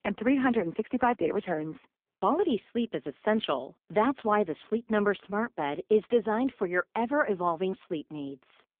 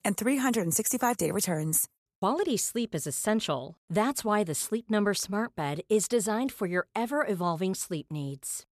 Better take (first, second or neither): second